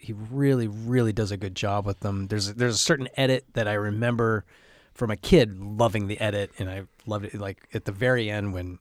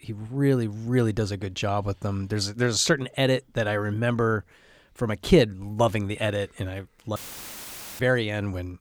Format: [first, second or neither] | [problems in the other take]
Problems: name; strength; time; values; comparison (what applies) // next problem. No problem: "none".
first | audio cutting out; filled with static; at 7 s for 1 s